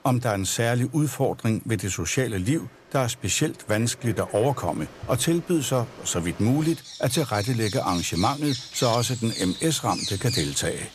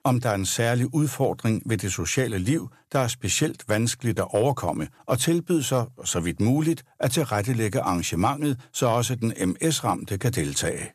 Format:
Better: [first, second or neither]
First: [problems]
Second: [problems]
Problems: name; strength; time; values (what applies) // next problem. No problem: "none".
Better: second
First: animal sounds; loud; throughout; 10 dB below the speech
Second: none